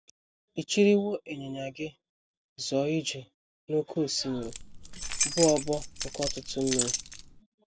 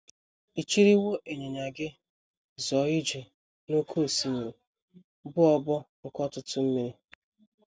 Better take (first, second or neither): second